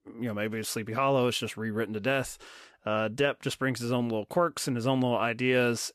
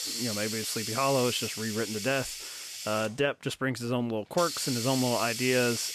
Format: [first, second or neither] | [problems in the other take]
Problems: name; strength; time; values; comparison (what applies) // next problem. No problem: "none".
first | hiss; loud; throughout; 4 dB below the speech